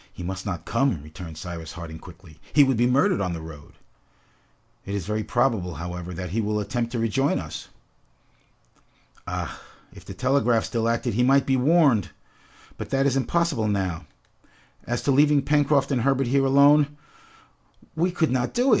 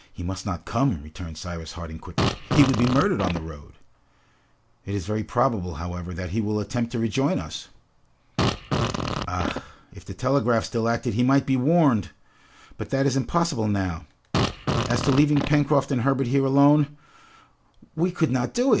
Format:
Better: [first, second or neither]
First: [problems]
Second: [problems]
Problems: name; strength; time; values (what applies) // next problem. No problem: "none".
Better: first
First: none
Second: background sound (Fart); 2 dB below the speech